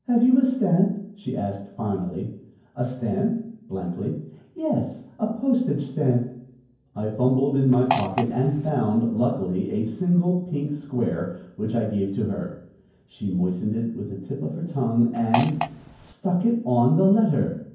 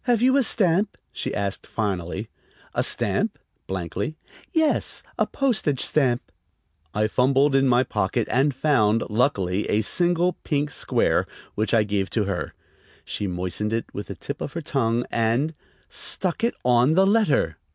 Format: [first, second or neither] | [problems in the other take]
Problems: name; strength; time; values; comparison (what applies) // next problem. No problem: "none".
second | background sound (Fart); 5 dB below the speech // room echo; dies away in 0.9 s